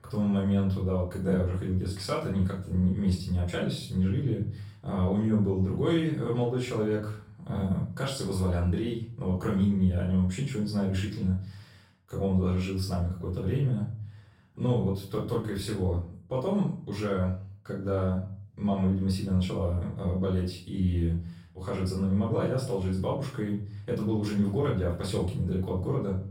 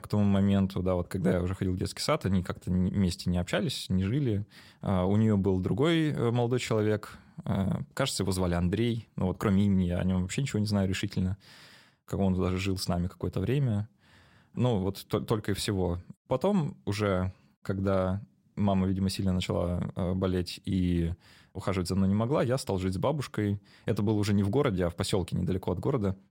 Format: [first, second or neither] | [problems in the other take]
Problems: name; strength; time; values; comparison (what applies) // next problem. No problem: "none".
second | room echo; noticeable; dies away in 0.4 s // off-mic speech; far